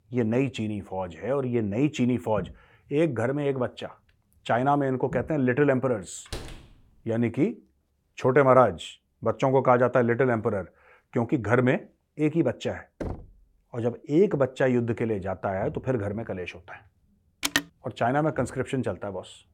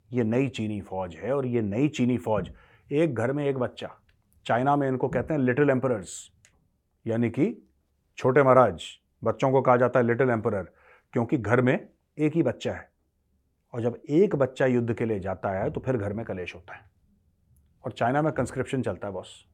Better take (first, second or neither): second